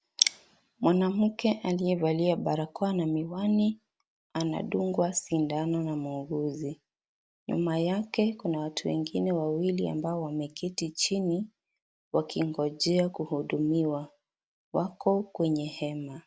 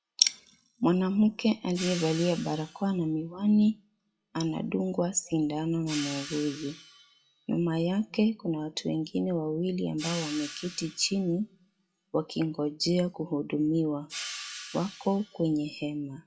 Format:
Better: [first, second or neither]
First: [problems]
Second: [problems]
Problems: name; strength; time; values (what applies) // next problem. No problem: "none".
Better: first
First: none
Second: noise reduction (classical method WPE with log-MMSE)